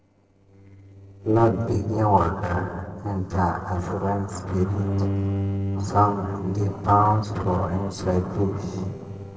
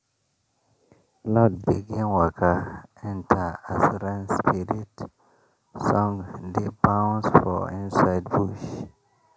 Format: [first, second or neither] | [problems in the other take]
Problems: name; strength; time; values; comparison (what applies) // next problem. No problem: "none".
second | noise reduction (neural separator model SepFormer DNS4)